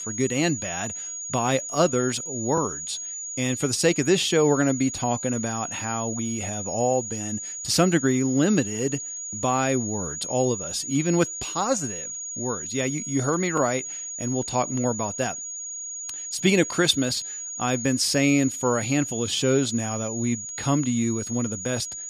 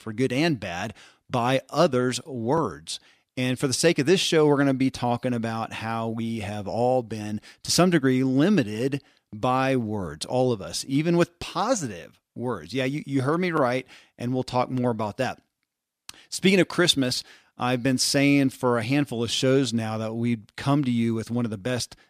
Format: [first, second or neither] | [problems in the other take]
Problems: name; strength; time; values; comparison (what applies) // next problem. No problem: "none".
second | high-pitched whine; loud; throughout; 7 kHz, 6 dB below the speech